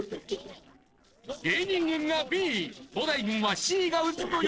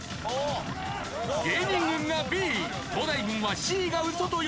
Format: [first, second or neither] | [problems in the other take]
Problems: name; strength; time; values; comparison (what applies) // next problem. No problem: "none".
second | noise reduction (neural separator model SepFormer DNS4)